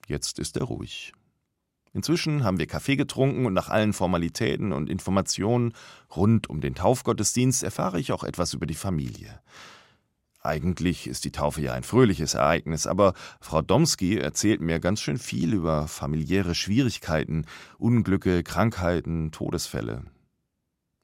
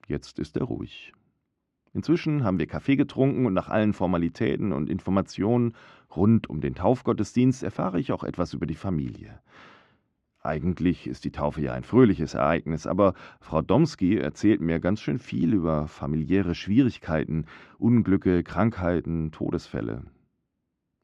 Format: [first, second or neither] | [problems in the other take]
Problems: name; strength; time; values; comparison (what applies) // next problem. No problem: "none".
first | muffled; slightly; fading above 2.5 kHz